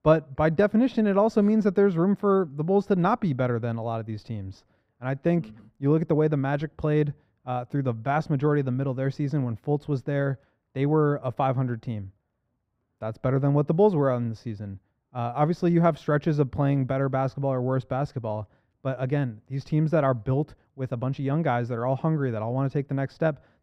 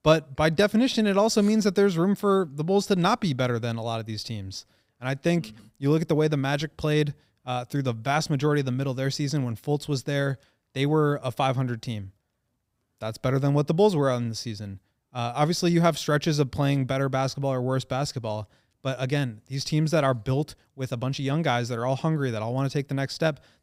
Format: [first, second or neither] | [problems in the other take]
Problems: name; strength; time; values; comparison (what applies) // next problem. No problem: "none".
second | muffled; very; fading above 3 kHz